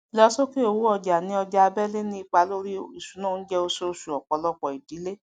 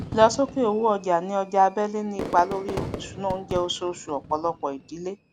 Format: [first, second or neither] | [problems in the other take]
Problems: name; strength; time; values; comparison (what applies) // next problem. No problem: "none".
first | background sound (Fireworks); 13 dB below the speech